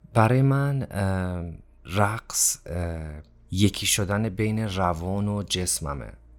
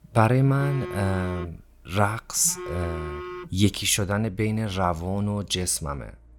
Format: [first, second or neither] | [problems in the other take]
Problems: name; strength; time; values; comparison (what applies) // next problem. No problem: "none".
first | phone ringing; noticeable; until 3.5 s; peak 9 dB below the speech